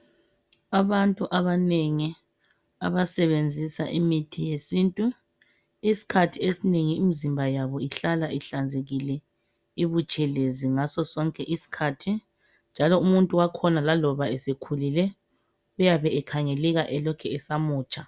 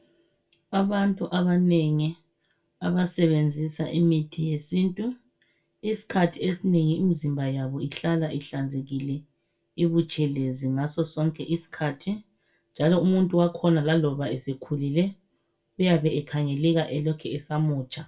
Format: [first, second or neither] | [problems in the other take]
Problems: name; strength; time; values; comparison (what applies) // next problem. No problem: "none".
first | room echo; dies away in 0.2 s